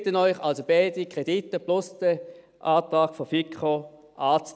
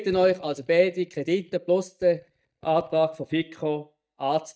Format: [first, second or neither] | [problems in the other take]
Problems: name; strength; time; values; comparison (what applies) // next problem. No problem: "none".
first | noise reduction (neural mask model DeepFilterNet 3)